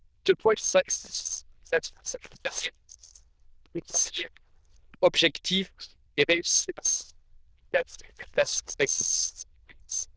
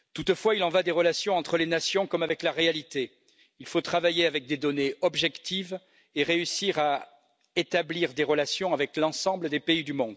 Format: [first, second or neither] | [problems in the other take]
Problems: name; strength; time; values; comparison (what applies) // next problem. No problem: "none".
second | noise reduction (neural diffusion model UNIVERSE++)